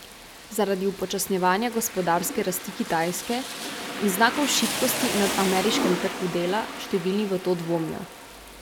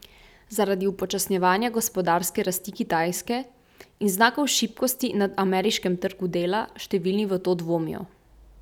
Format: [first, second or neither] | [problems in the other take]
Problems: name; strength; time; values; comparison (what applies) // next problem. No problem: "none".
second | background sound (Rain); 6 dB below the speech